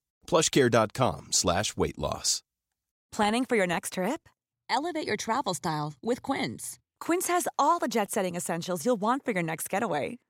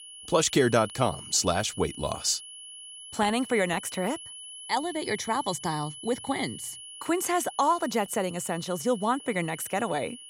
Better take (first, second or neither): first